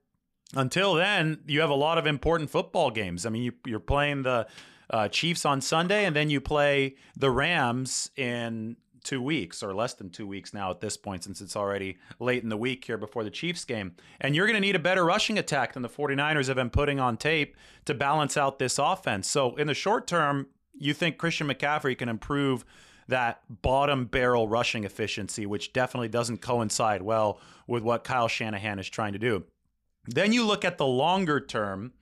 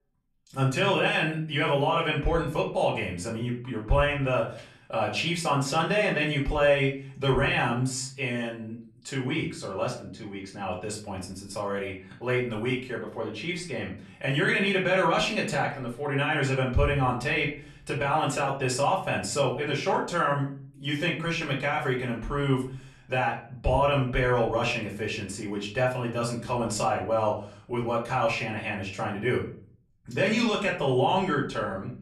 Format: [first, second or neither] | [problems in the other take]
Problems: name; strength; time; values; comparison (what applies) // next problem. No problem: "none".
first | room echo; slight; dies away in 0.4 s // off-mic speech; far